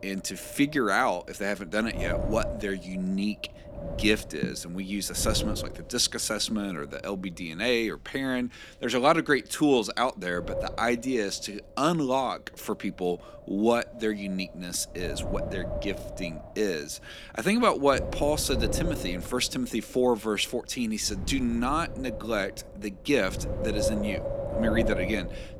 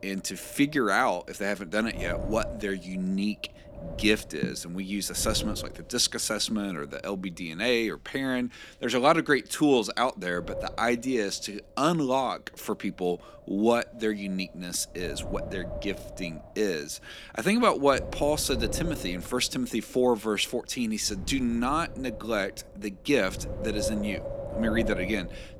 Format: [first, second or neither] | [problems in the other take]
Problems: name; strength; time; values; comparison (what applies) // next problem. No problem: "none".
second | wind noise on the microphone; heavy; 8 dB below the speech; occasional gusts in the second